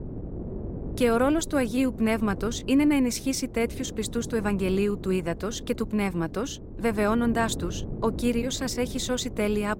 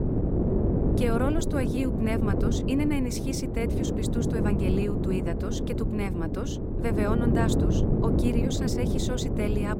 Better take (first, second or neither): first